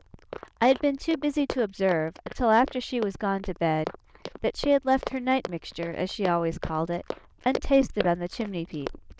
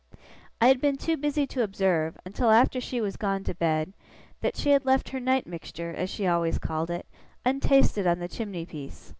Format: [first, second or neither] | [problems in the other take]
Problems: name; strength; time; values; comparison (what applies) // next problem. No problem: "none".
second | noise reduction (neural diffusion model UNIVERSE++)